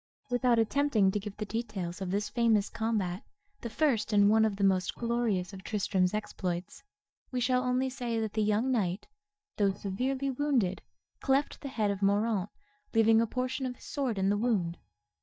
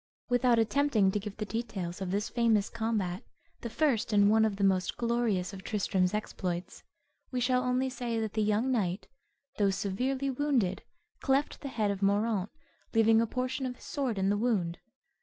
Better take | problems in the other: second | noise reduction (neural mask model DeepFilterNet 3)

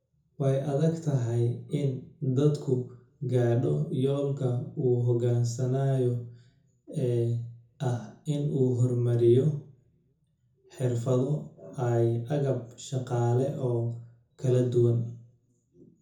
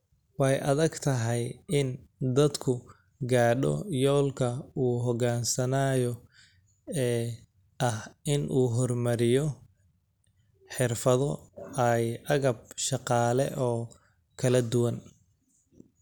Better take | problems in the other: second | room echo; dies away in 0.5 s

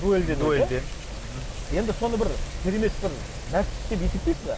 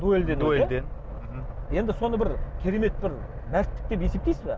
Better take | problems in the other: second | background sound (Wind); 17 dB below the speech

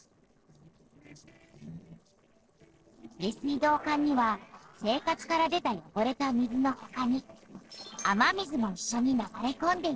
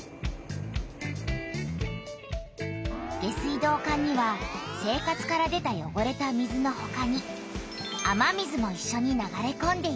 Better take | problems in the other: second | noise reduction (neural separator model SepFormer DNS4)

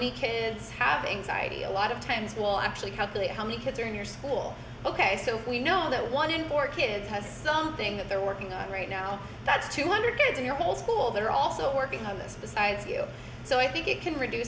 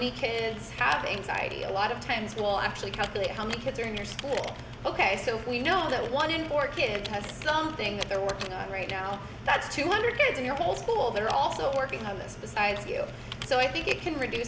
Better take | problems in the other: first | background sound (Computer keyboard); 15 dB below the speech

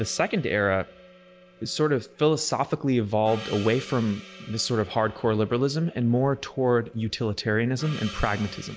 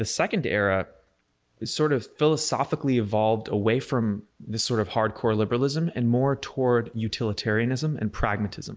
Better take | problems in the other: second | background sound (Gong); 19 dB below the speech

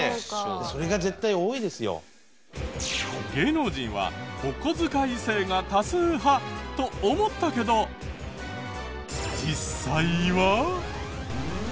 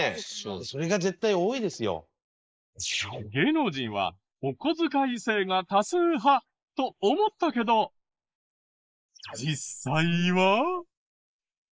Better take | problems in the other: first | noise reduction (neural mask model Resemble Enhance denoiser)

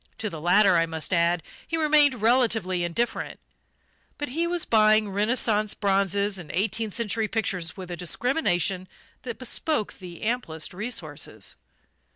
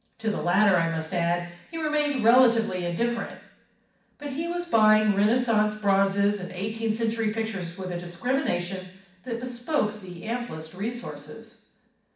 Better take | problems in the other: first | room echo; dies away in 0.6 s

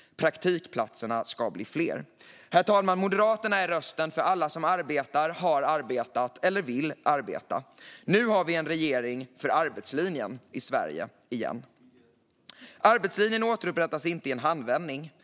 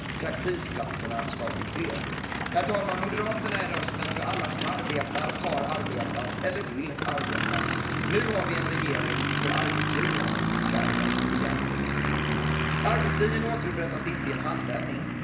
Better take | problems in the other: first | background sound (Aircraft); 4 dB above the speech // room echo; dies away in 1.3 s

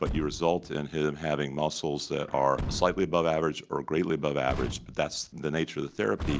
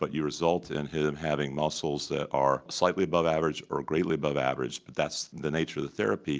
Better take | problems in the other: second | background sound (Truck); 11 dB below the speech

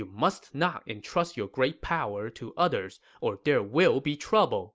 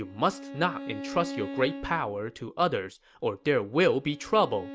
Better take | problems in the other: first | background sound (Bowed string instrument); 13 dB below the speech

